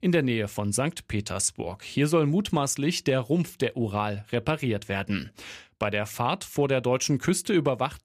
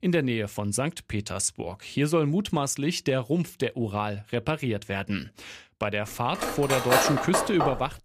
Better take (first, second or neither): first